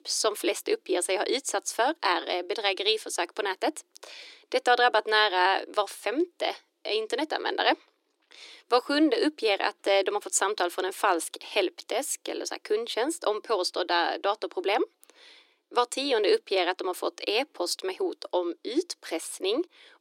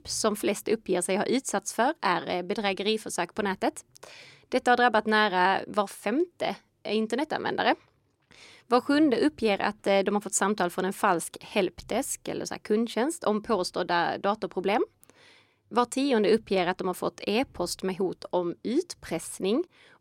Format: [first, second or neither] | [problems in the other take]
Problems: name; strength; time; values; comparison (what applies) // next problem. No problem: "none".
second | thin; somewhat; fading below 300 Hz